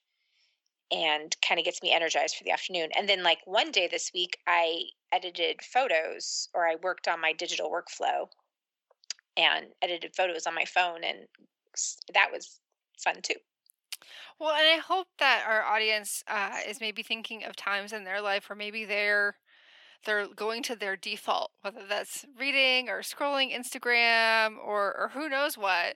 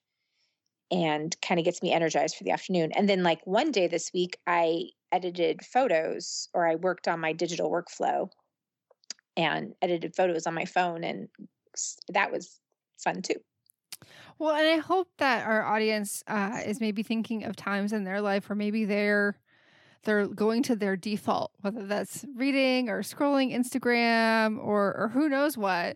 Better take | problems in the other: second | thin; very; fading below 650 Hz

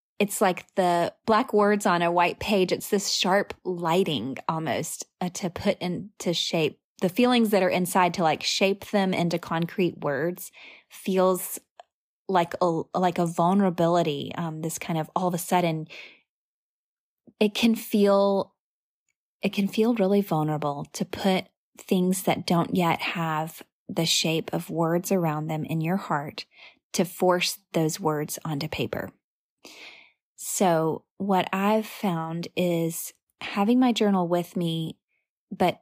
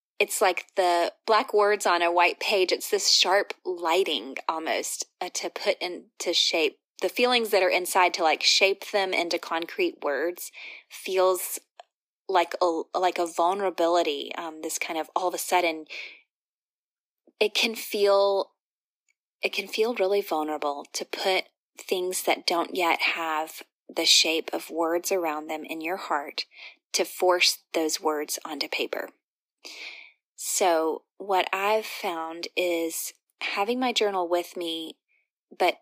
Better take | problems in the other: first | thin; very; fading below 300 Hz

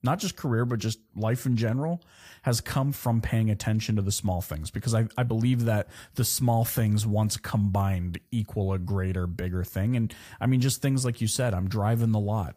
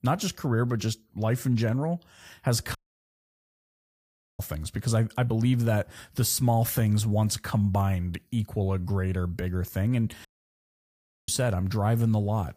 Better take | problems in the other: first | audio cutting out; at 3 s for 1.5 s and at 10 s for 1 s

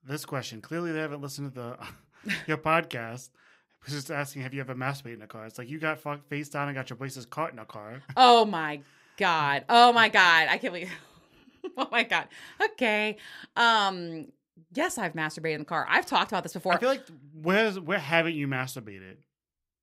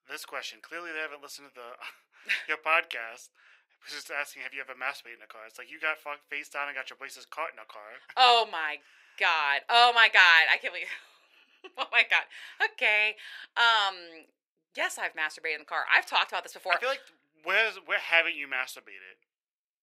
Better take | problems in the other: first | thin; very; fading below 500 Hz

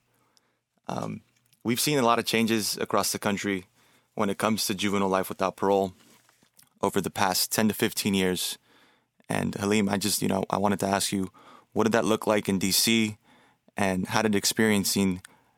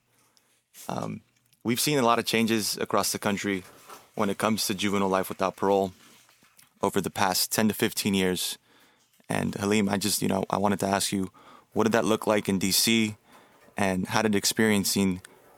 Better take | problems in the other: first | household noises; faint; throughout; 30 dB below the speech

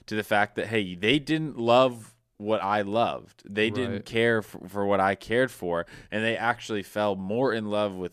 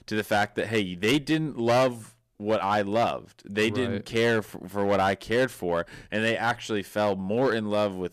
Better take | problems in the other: first | distortion; slight; 5% of the sound clipped

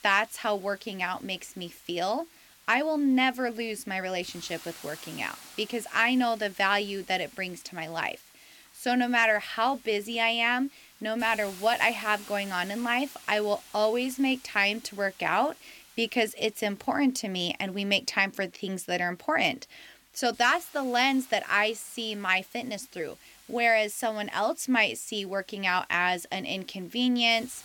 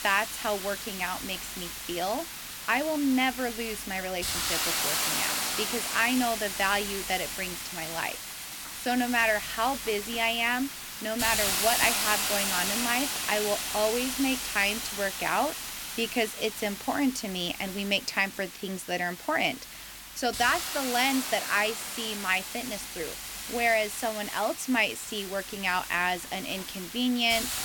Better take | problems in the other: first | hiss; loud; throughout; 3 dB below the speech; faint in the first

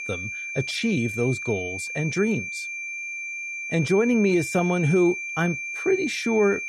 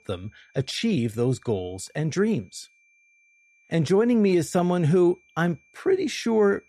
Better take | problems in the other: second | high-pitched whine; loud; throughout; 2.5 kHz, 6 dB below the speech; faint in the second

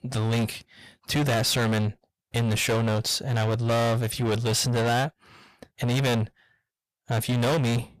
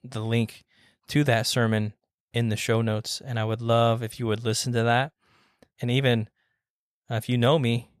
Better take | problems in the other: second | distortion; heavy; 5 dB below the speech

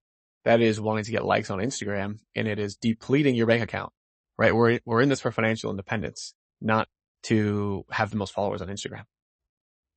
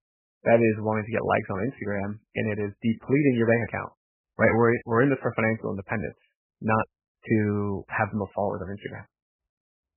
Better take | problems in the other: first | garbled, watery; badly; nothing above 2.5 kHz; slightly in the first

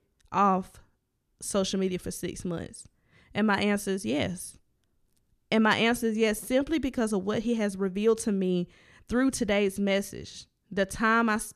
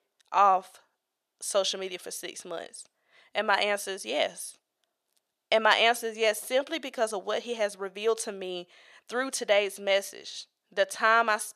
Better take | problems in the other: first | thin; very; fading below 650 Hz

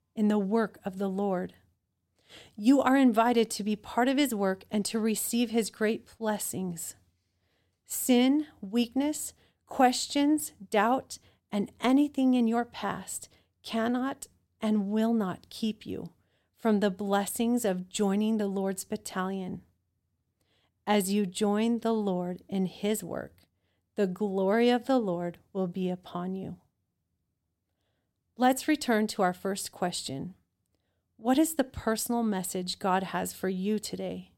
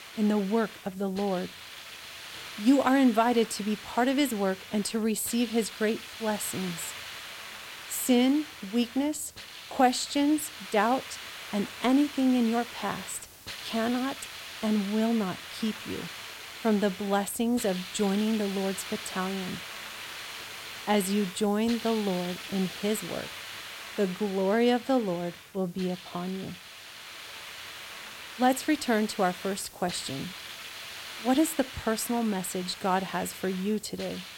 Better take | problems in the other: first | hiss; noticeable; throughout; 10 dB below the speech

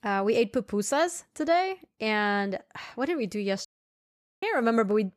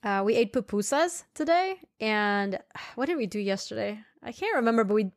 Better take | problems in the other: second | audio cutting out; at 3.5 s for 1 s

